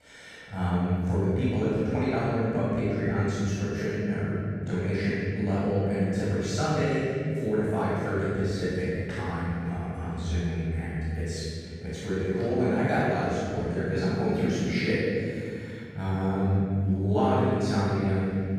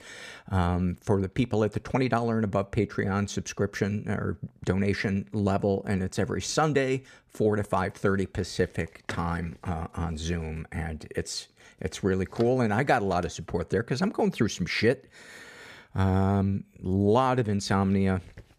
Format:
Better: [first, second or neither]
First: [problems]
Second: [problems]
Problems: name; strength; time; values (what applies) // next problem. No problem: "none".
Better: second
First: room echo; strong; dies away in 2.8 s // off-mic speech; far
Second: none